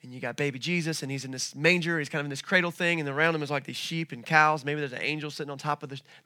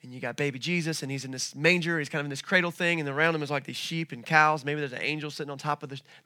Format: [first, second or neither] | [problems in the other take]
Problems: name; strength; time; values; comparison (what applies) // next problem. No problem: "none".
neither | none